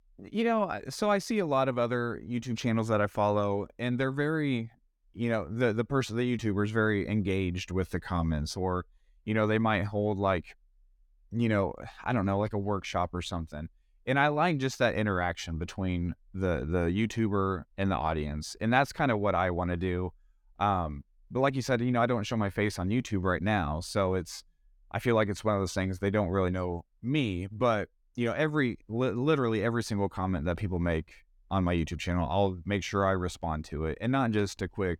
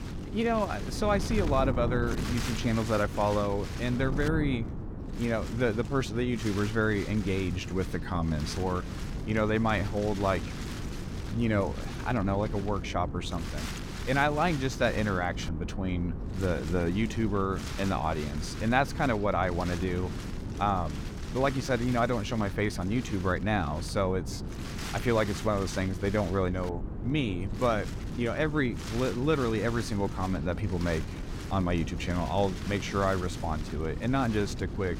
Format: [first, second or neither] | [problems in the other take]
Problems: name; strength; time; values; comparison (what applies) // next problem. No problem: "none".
first | wind noise on the microphone; occasional gusts; 10 dB below the speech